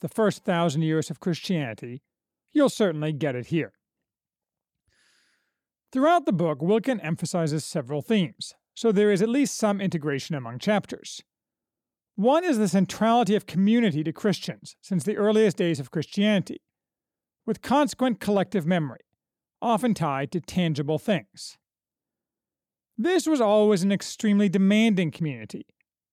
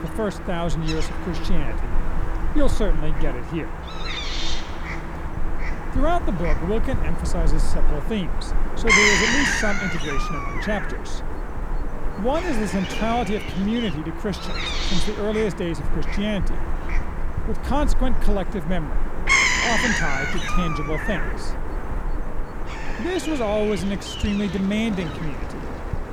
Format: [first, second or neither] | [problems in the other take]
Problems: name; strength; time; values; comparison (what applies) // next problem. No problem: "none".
first | animal sounds; very loud; throughout; 1 dB above the speech